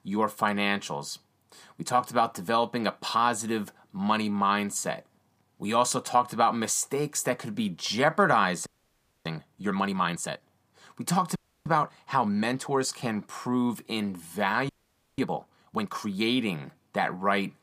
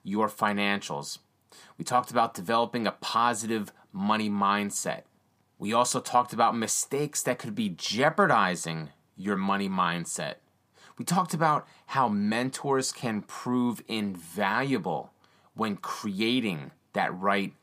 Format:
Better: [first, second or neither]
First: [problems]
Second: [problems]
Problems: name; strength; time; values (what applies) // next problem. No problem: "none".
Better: second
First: audio freezing; at 8.5 s for 0.5 s, at 11 s and at 15 s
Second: none